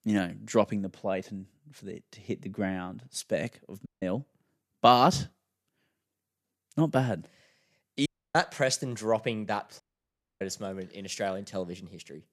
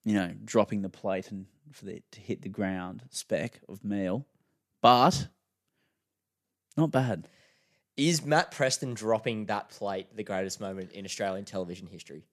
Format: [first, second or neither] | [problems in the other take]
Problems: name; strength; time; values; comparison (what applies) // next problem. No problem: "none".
second | audio cutting out; at 4 s, at 8 s and at 10 s for 0.5 s